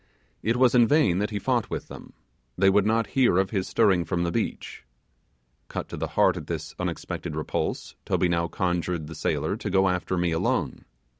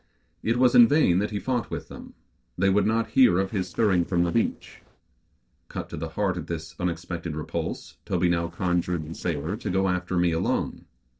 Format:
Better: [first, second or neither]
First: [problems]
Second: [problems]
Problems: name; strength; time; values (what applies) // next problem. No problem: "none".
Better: first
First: none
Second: noise reduction (neural separator model SepFormer DNS4)